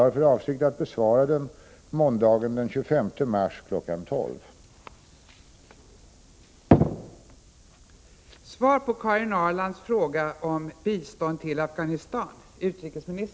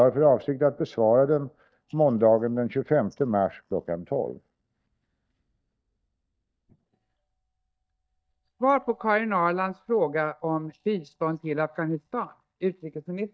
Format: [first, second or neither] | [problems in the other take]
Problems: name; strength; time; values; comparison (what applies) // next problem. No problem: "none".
first | noise reduction (neural mask model DeepFilterNet 3)